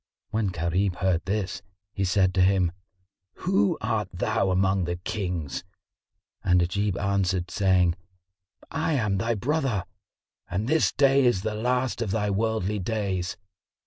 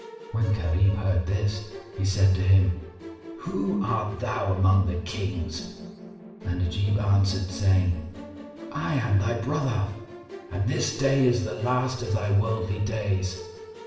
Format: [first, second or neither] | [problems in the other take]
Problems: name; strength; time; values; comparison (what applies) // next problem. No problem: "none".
first | background sound (Musical instrument); 16 dB below the speech // room echo; dies away in 0.8 s